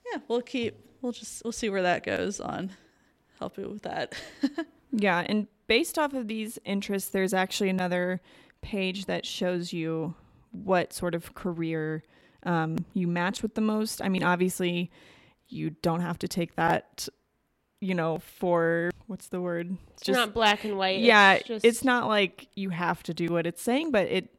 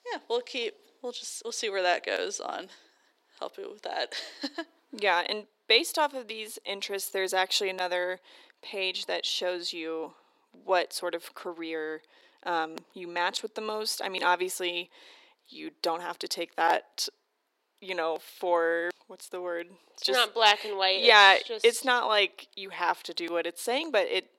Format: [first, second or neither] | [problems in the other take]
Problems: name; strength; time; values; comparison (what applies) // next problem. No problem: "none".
first | thin; very; fading below 350 Hz